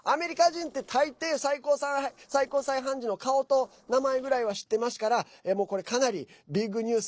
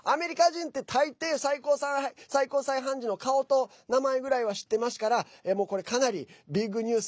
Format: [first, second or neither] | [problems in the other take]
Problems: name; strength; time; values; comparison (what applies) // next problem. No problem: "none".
second | noise reduction (neural separator model SepFormer DNS4)